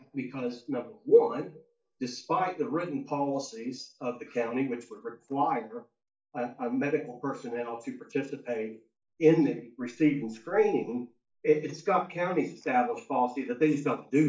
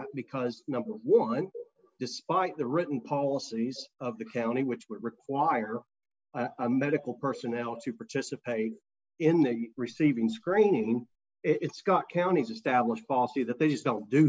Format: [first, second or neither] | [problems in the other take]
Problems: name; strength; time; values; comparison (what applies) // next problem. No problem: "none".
second | noise reduction (neural mask model DeepFilterNet 3)